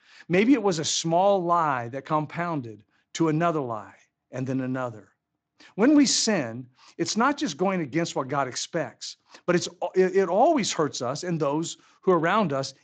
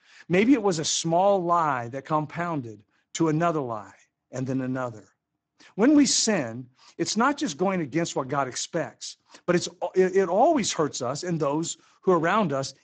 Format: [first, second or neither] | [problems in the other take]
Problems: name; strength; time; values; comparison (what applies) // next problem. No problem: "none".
first | garbled, watery; badly; nothing above 7.5 kHz; slightly in the first